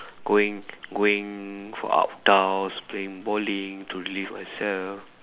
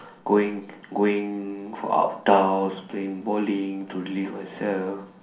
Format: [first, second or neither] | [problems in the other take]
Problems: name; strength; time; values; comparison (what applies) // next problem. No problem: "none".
first | room echo; dies away in 0.6 s